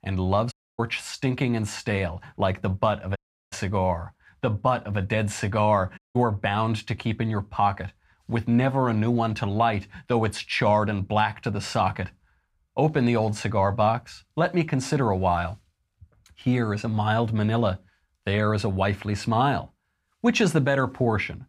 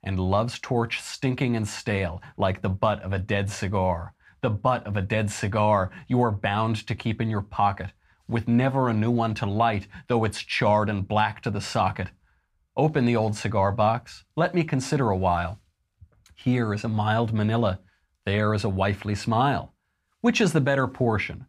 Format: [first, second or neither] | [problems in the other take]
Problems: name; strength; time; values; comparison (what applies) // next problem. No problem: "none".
second | audio cutting out; at 0.5 s, at 3 s and at 6 s